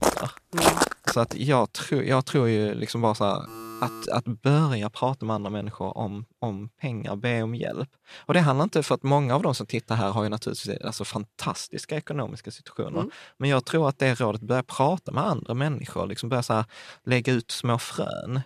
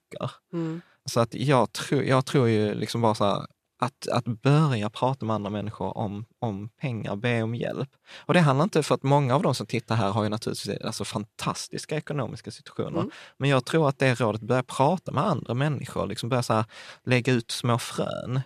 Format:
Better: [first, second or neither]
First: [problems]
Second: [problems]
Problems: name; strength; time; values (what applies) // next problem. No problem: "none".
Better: second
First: footsteps; loud; until 1.5 s; peak 6 dB above the speech // alarm; faint; at 3.5 s; peak 10 dB below the speech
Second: none